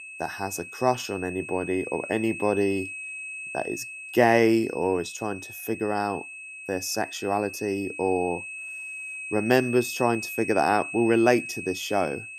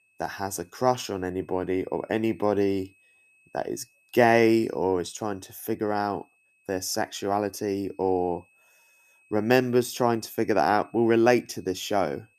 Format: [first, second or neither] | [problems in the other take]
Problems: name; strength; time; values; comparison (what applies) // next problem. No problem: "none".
second | high-pitched whine; loud; throughout; 2.5 kHz, 9 dB below the speech; faint in the second